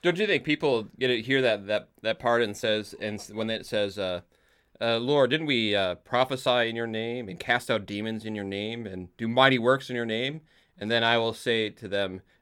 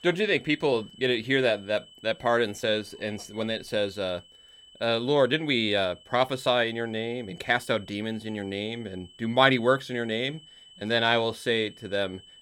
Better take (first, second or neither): first